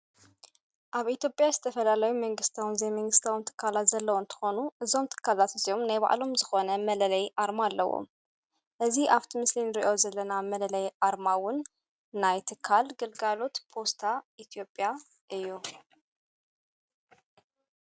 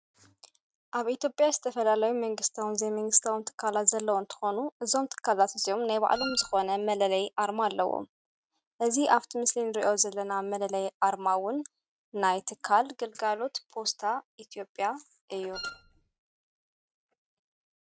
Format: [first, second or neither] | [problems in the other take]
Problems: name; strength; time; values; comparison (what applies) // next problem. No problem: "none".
first | noise reduction (neural mask model RNNoise)